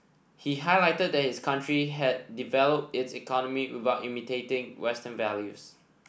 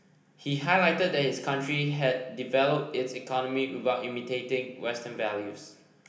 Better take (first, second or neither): first